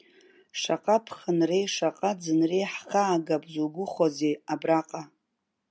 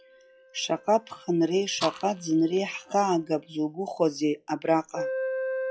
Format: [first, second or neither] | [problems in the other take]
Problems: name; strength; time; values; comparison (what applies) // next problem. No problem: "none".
first | noise reduction (classical method log-MMSE)